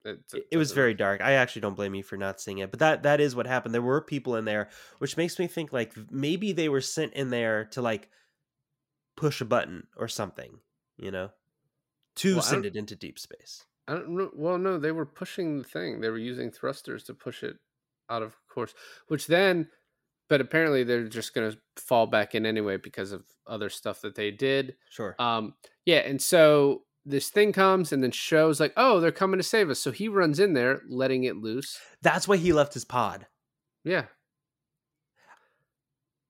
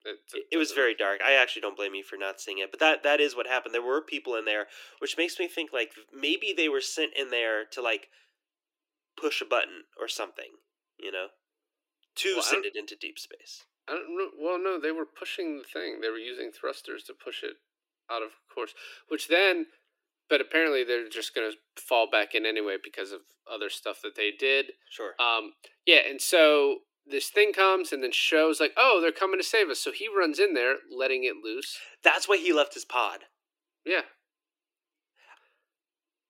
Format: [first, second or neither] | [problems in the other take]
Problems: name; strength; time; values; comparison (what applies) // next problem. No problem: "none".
first | thin; somewhat; fading below 300 Hz